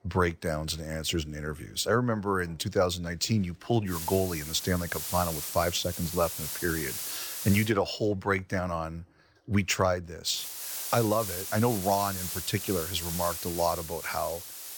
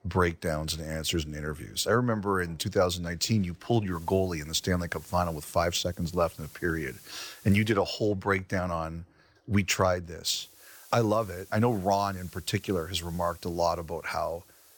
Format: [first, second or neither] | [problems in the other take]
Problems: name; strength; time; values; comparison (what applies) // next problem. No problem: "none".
second | hiss; loud; from 4 to 7.5 s and from 10 s on; 5 dB below the speech; faint in the second